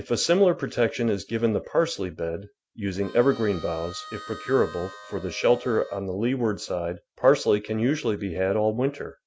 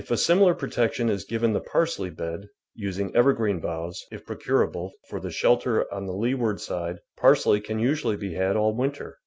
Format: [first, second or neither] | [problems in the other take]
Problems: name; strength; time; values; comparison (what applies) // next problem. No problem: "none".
second | background sound (Harmonica); 18 dB below the speech